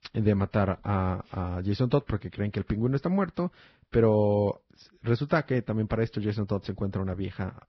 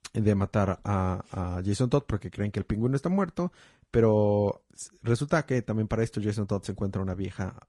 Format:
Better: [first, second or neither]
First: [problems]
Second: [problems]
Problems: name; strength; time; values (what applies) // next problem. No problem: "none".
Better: second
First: garbled, watery; badly; nothing above 5.5 kHz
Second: garbled, watery; slightly; nothing above 10 kHz